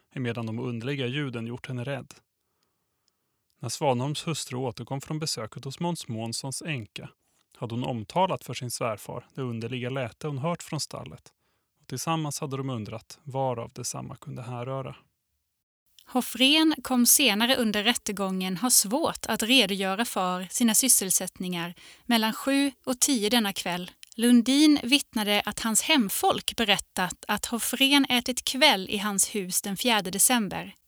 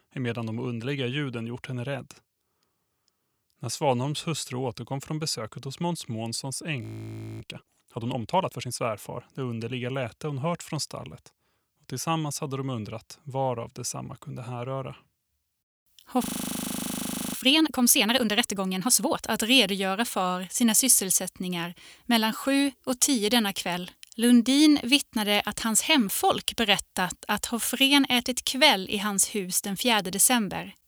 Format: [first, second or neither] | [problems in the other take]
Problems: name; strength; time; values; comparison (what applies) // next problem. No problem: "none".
first | audio freezing; at 7 s for 0.5 s and at 16 s for 1 s